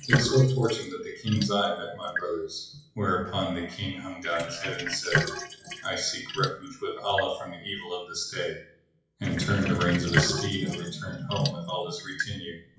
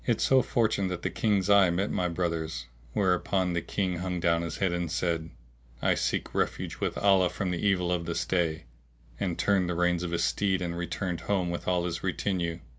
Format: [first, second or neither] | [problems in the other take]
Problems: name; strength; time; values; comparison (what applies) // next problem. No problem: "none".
second | noise reduction (classical method WPE with log-MMSE)